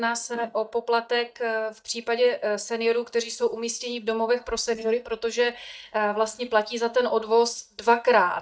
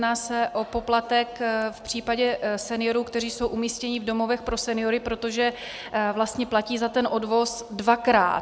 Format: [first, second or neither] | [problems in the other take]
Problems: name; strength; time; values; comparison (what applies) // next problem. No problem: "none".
second | noise reduction (neural mask model DeepFilterNet 3)